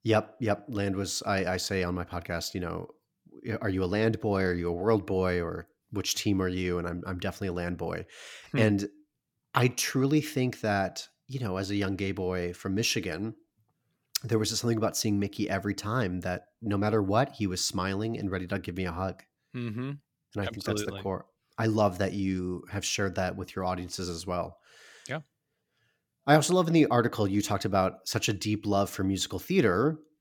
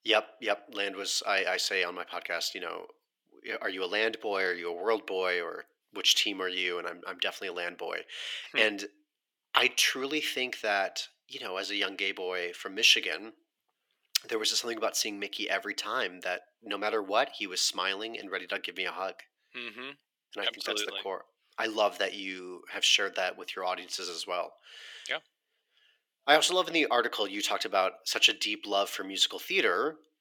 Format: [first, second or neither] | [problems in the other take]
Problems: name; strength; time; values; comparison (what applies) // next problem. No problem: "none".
first | thin; very; fading below 400 Hz